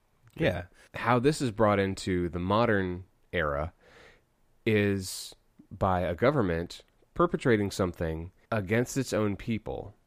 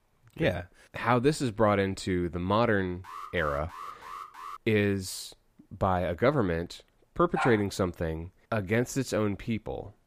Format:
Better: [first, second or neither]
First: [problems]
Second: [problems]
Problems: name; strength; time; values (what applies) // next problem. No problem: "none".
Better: first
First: none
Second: alarm; faint; from 3 to 4.5 s; peak 15 dB below the speech // dog barking; noticeable; at 7.5 s; peak 4 dB below the speech